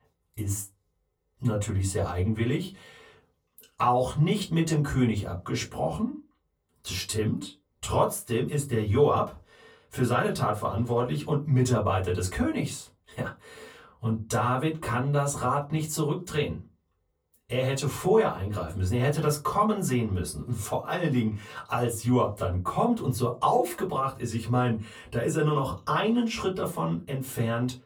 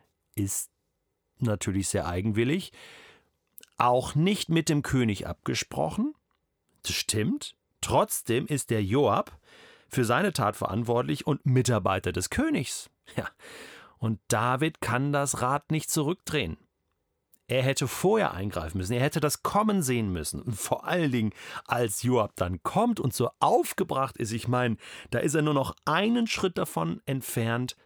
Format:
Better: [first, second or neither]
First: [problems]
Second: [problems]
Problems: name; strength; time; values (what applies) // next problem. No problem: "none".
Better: second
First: off-mic speech; far // room echo; very slight; dies away in 0.2 s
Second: none